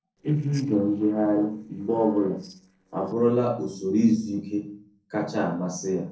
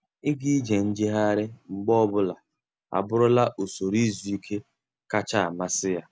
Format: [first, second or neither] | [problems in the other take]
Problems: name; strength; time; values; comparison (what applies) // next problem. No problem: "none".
second | noise reduction (neural separator model SepFormer DNS4)